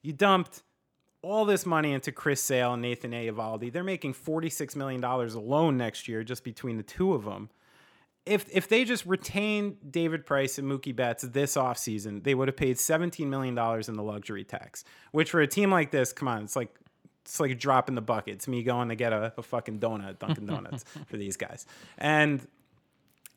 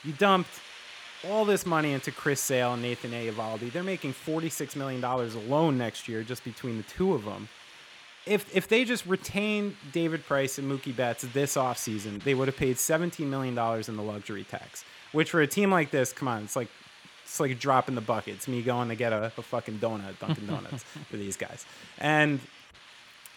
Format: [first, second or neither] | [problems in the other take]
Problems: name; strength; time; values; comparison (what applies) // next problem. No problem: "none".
first | hiss; noticeable; throughout; 20 dB below the speech